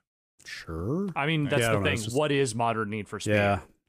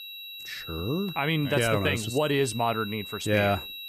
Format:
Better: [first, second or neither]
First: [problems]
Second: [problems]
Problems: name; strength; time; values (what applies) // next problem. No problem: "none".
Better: first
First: none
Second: high-pitched whine; noticeable; throughout; 4 kHz, 10 dB below the speech